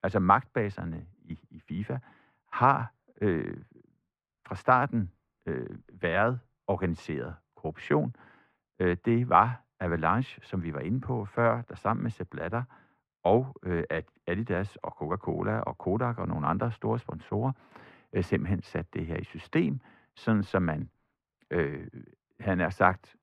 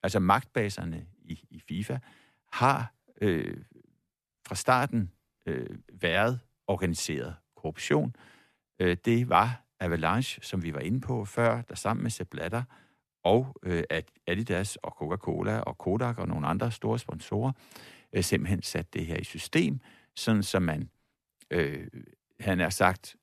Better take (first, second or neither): second